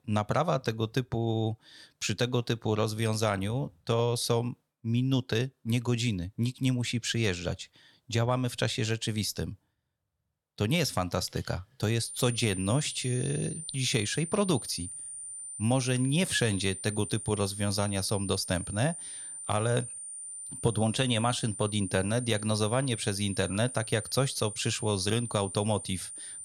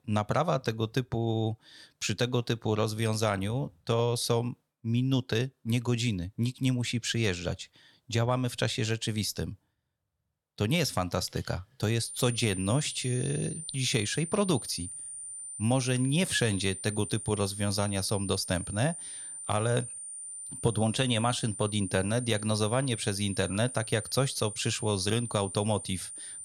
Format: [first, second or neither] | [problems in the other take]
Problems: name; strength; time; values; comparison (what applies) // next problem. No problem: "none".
neither | high-pitched whine; loud; from 12 s on; 9 kHz, 8 dB below the speech; the same in both